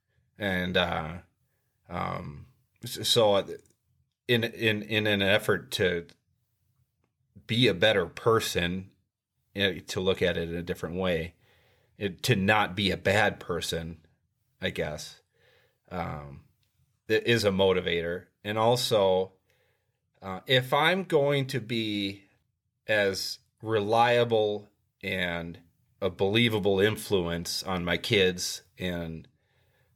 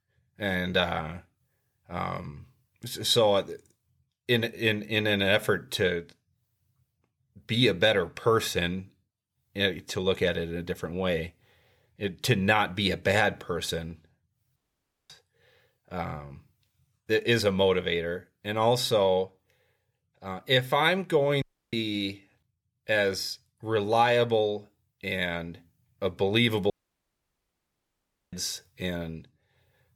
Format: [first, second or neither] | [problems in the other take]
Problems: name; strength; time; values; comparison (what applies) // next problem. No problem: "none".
first | audio cutting out; at 15 s for 0.5 s, at 21 s and at 27 s for 1.5 s